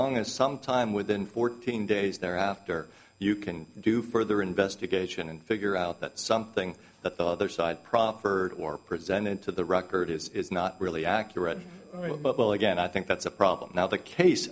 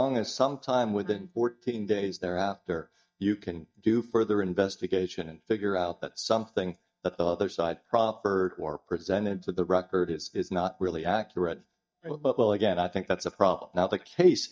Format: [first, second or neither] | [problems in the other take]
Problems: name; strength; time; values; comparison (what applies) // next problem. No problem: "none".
first | noise reduction (neural mask model DeepFilterNet 3)